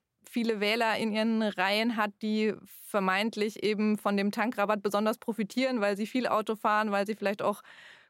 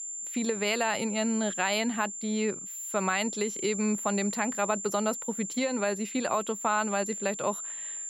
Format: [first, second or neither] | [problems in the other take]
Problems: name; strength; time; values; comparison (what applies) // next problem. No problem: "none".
first | high-pitched whine; loud; throughout; 7.5 kHz, 5 dB below the speech